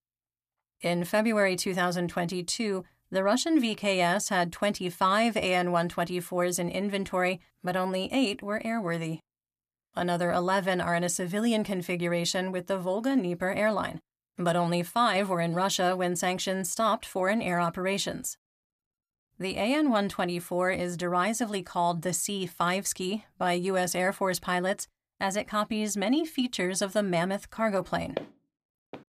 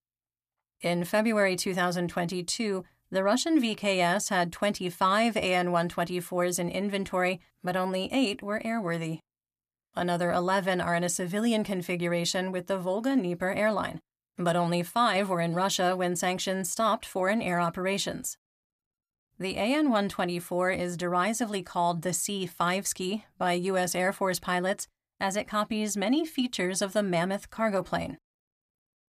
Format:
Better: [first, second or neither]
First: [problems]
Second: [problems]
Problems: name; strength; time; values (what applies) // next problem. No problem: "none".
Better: second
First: footsteps; faint; at 28 s; peak 10 dB below the speech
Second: none